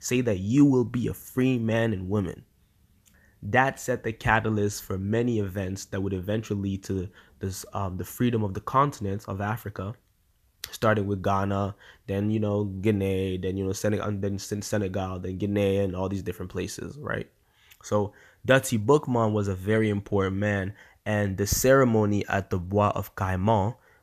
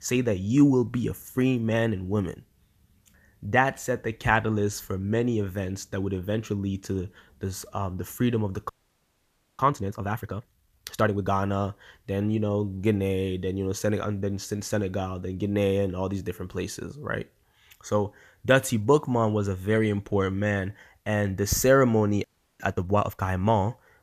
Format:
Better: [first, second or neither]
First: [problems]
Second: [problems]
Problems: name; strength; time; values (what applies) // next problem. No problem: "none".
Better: first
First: none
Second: audio freezing; at 8.5 s for 1 s and at 22 s